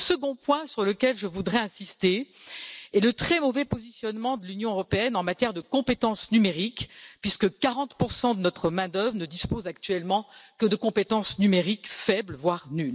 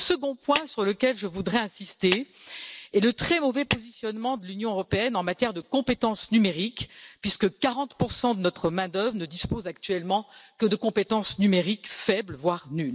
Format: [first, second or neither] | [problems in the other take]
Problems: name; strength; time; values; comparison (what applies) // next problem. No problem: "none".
first | background sound (Clapping); 11 dB below the speech